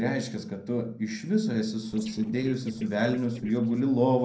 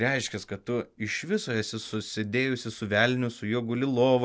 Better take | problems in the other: second | noise reduction (neural separator model SepFormer DNS4)

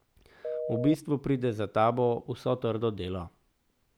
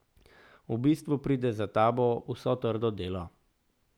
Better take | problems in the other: second | background sound (Telephone); 6 dB below the speech

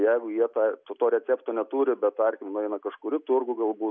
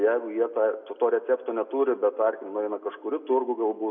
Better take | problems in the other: first | room echo; dies away in 1 s

